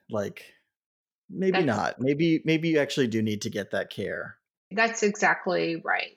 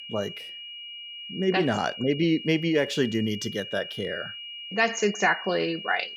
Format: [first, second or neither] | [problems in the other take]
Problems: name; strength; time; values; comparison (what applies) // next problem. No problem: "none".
first | high-pitched whine; noticeable; throughout; 3 kHz, 10 dB below the speech